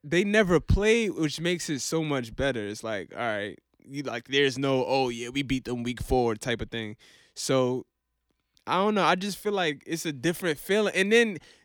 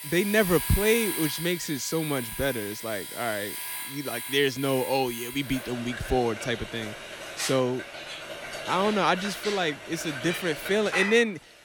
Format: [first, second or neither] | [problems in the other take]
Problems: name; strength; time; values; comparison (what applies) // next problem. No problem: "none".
first | household noises; loud; throughout; 7 dB below the speech